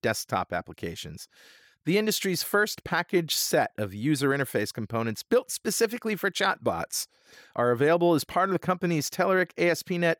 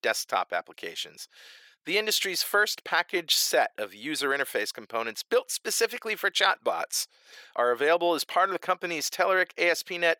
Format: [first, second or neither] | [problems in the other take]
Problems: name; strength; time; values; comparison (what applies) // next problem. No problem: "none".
first | thin; very; fading below 550 Hz